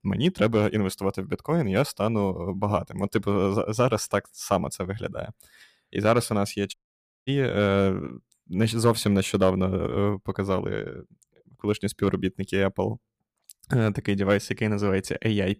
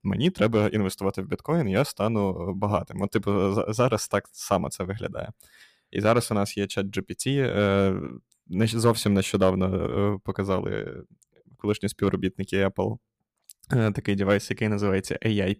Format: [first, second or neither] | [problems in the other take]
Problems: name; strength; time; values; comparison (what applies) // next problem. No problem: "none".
second | audio cutting out; at 6.5 s for 0.5 s